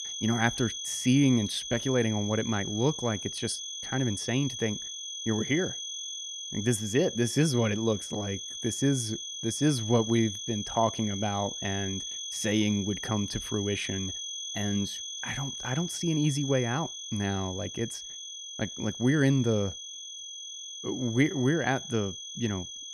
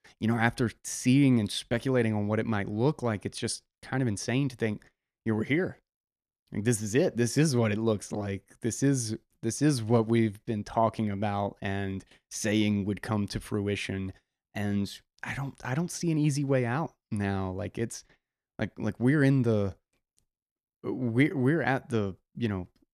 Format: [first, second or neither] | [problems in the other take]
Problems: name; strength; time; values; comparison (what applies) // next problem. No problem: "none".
second | high-pitched whine; loud; throughout; 3.5 kHz, 6 dB below the speech